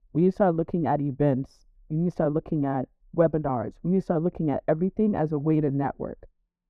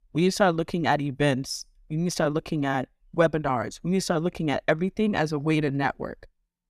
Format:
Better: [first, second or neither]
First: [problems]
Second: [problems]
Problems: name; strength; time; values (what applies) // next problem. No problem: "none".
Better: second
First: muffled; very; fading above 2 kHz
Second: none